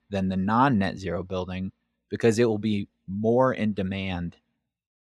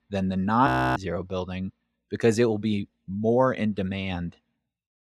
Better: first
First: none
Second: audio freezing; at 0.5 s

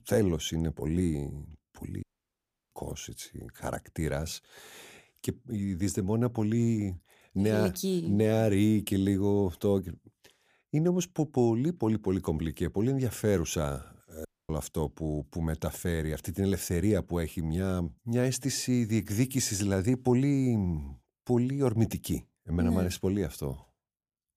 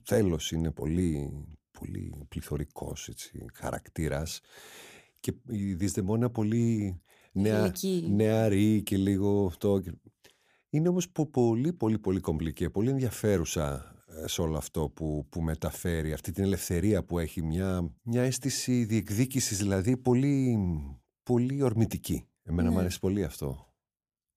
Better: second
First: audio cutting out; at 2 s for 0.5 s and at 14 s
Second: none

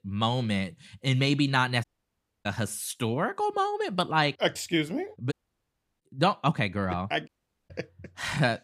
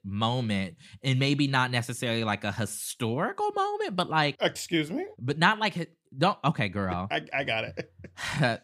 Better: second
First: audio cutting out; at 2 s for 0.5 s, at 5.5 s for 0.5 s and at 7.5 s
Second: none

